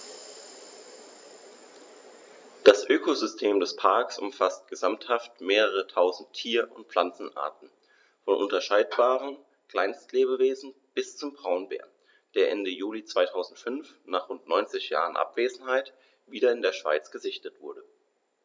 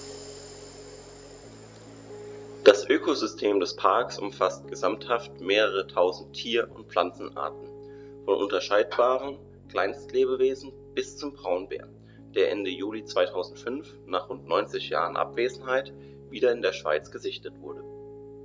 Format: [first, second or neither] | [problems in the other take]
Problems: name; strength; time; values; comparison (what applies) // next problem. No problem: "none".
first | background sound (Piano); 17 dB below the speech